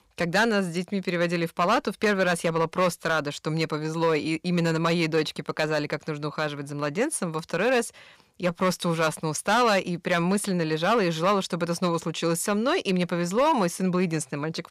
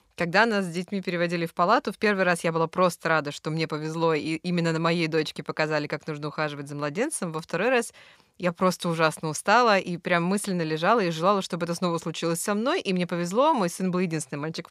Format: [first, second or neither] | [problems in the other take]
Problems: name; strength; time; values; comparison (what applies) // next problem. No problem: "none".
second | distortion; slight; 4% of the sound clipped